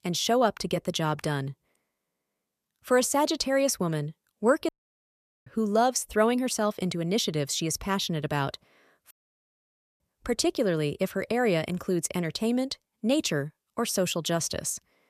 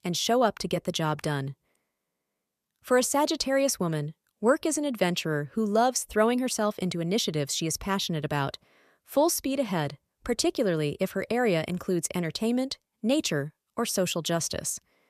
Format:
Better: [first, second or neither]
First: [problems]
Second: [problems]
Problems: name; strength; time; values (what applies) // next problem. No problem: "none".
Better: second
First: audio cutting out; at 4.5 s for 1 s and at 9 s for 1 s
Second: none